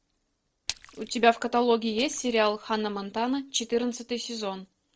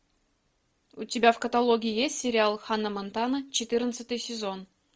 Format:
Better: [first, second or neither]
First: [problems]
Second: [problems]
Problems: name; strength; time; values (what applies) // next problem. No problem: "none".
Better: second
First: noise reduction (neural separator model SepFormer DNS4)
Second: none